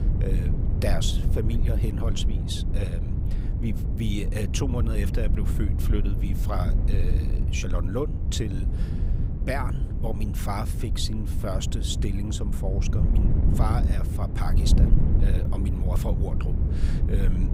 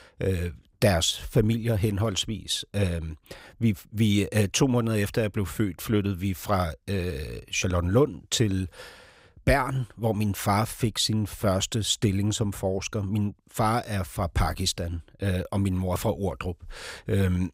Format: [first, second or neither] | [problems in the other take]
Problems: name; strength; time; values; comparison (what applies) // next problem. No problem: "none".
second | wind noise on the microphone; heavy; 5 dB below the speech